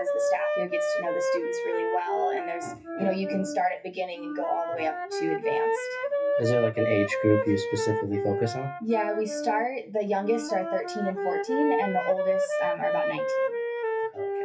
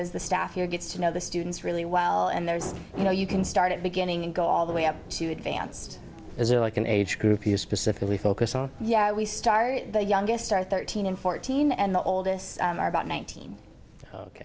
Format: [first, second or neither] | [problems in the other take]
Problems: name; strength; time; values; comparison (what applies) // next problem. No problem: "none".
second | noise reduction (classical method WPE with log-MMSE)